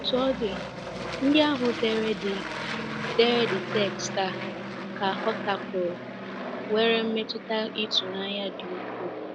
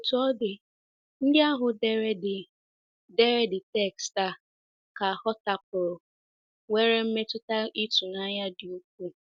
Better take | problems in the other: second | background sound (Aircraft); 6 dB below the speech

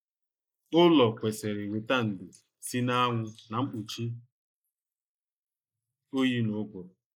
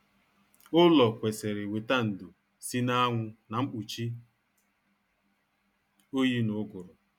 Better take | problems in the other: second | noise reduction (neural mask model Resemble Enhance denoiser)

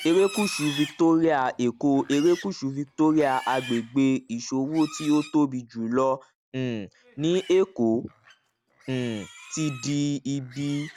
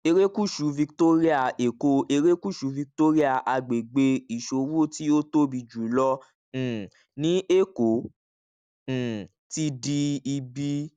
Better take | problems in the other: second | background sound (Livestock, farm animals, working animals); 17 dB below the speech

